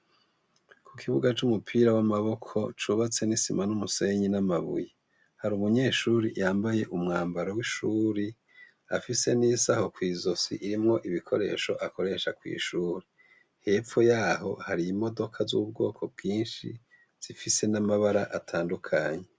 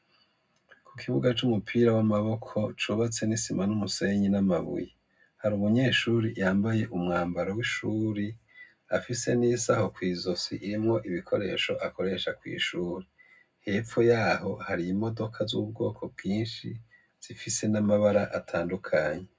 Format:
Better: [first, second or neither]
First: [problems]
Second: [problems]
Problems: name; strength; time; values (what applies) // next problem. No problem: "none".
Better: first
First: none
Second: room echo; dies away in 0.3 s